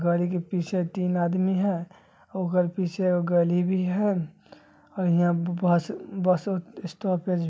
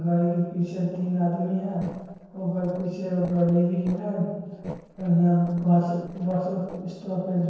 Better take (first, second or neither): first